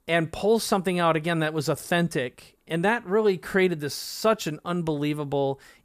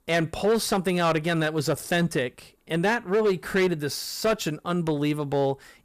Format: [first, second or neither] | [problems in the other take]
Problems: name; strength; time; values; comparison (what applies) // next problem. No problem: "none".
first | distortion; slight; 7% of the sound clipped